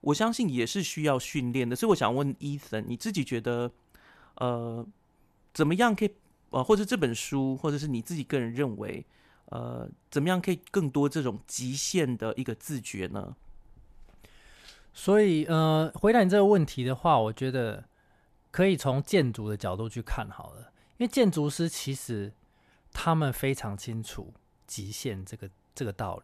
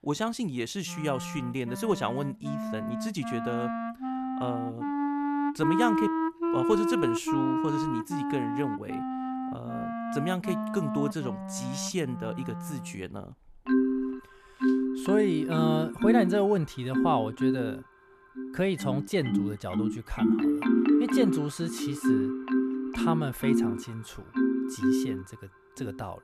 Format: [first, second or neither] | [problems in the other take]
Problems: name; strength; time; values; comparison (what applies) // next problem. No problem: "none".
first | background music; very loud; throughout; 2 dB above the speech